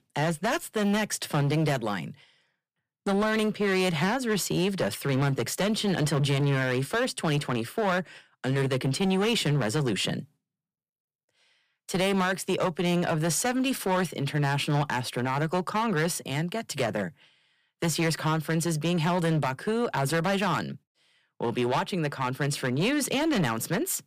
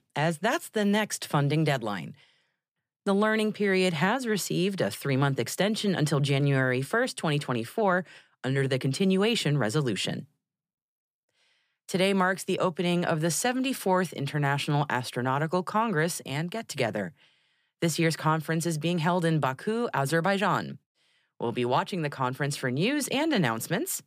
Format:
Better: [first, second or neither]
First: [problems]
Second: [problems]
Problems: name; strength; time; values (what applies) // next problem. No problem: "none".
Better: second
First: distortion; slight; 11% of the sound clipped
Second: none